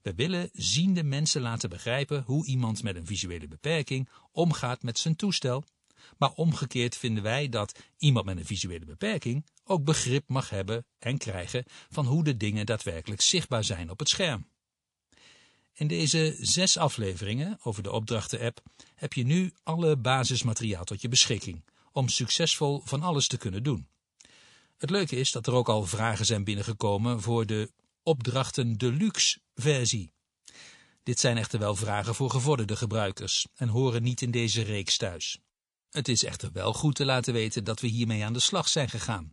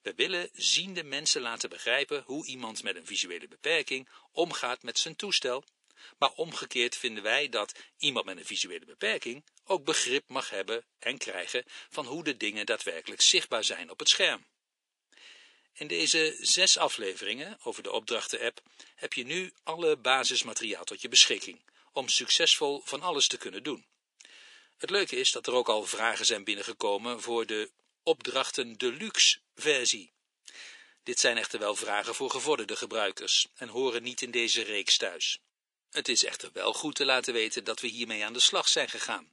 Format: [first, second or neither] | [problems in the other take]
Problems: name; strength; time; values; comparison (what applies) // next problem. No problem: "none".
first | thin; very; fading below 350 Hz